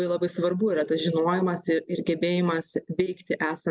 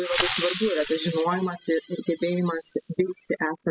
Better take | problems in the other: first | noise reduction (classical method spectral subtraction)

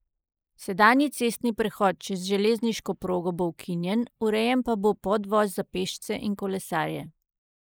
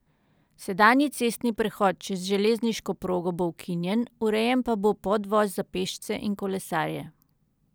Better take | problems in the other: second | noise reduction (neural mask model Resemble Enhance denoiser)

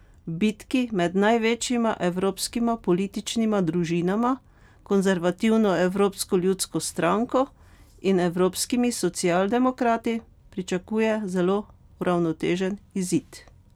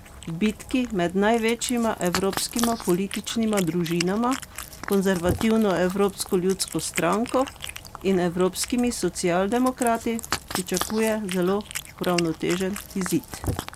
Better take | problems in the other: first | background sound (Cat); 11 dB below the speech

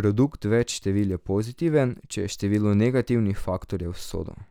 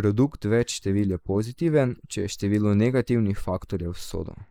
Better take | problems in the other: first | noise reduction (neural mask model Resemble Enhance denoiser)

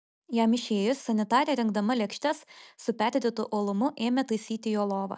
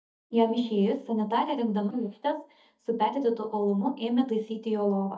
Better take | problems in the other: first | noise reduction (neural mask model DeepFilterNet 3)

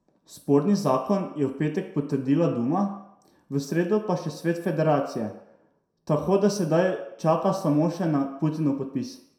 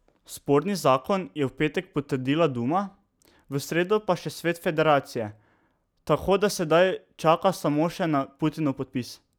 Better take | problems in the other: second | room echo; dies away in 0.5 s

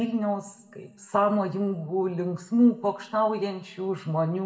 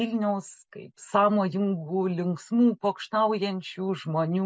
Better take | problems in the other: second | room echo; dies away in 0.8 s

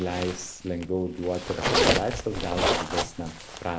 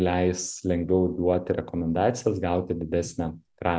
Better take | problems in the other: second | background sound (Zipper (clothing)); 2 dB above the speech

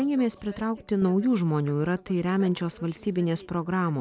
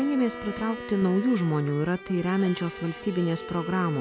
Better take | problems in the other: first | background sound (Bowed string instrument + Bowed string instrument); 12 dB below the speech

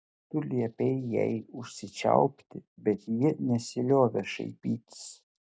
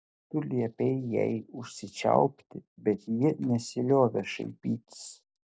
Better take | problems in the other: first | noise reduction (neural separator model SepFormer DNS4)

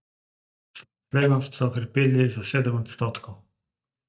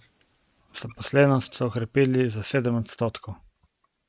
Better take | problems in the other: second | noise reduction (neural mask model DeepFilterNet 3)

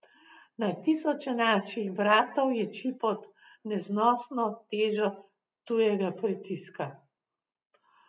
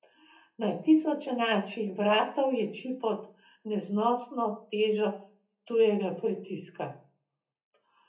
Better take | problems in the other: first | room echo; dies away in 0.3 s

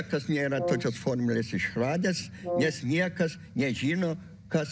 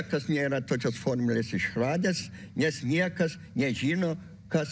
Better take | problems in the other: second | background sound (Brass instrument); 7 dB below the speech

